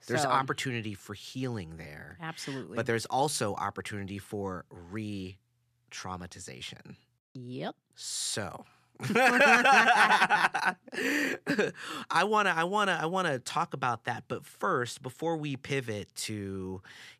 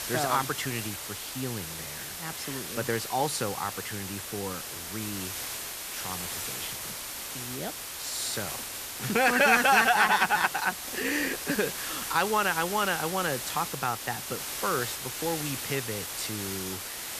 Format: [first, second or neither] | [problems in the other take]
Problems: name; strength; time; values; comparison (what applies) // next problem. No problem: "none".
first | hiss; loud; throughout; 6 dB below the speech